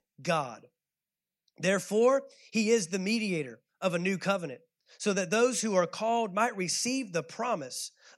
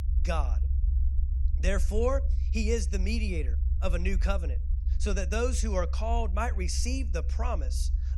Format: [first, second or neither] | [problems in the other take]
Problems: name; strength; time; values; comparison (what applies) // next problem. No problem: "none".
first | low rumble; noticeable; throughout; 15 dB below the speech